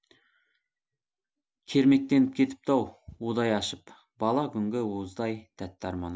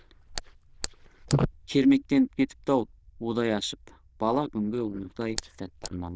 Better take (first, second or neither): first